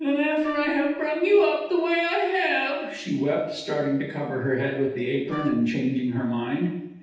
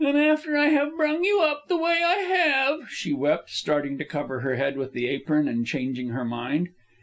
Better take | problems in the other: second | noise reduction (neural separator model SepFormer DNS4)

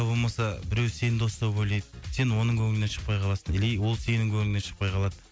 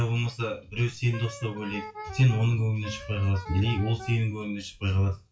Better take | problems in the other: first | noise reduction (classical method WPE with log-MMSE)

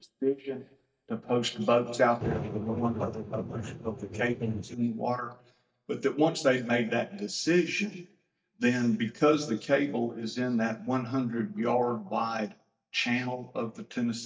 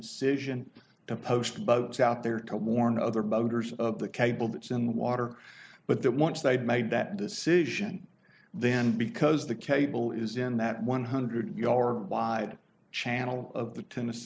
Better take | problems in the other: second | noise reduction (neural mask model DeepFilterNet 3)

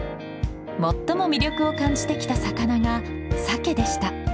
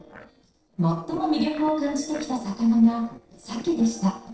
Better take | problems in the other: first | noise reduction (neural separator model SepFormer DNS4)

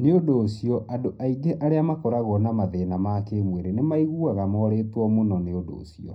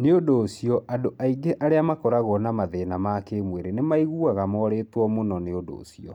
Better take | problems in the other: second | room echo; dies away in 0.4 s

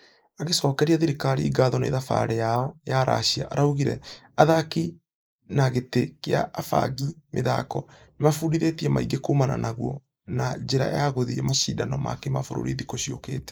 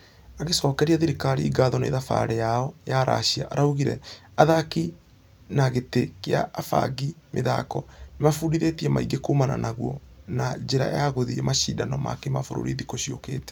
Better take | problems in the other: second | noise reduction (neural mask model Resemble Enhance denoiser)

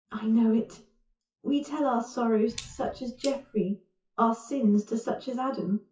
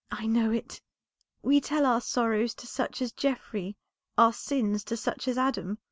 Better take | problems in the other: second | noise reduction (classical method WPE with log-MMSE)

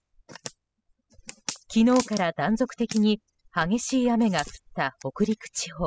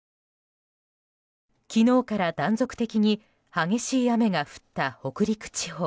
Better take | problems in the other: second | noise reduction (classical method spectral subtraction)

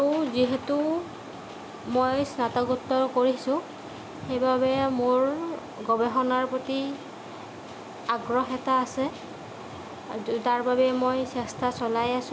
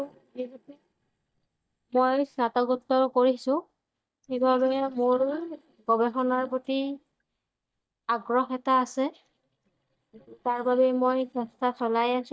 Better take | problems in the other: first | noise reduction (neural mask model DeepFilterNet 3)

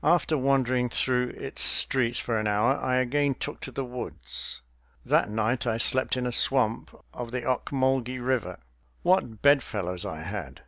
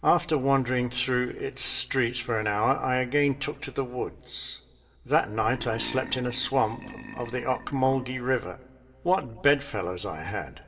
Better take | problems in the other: first | background sound (Burping, eructation); 15 dB below the speech // room echo; dies away in 2.6 s

